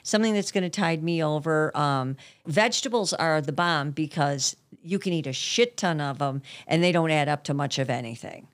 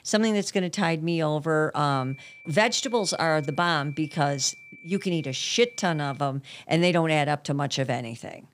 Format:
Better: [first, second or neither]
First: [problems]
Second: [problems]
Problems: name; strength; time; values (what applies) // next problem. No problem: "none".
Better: first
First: none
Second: high-pitched whine; faint; from 2 to 6 s; 2.5 kHz, 20 dB below the speech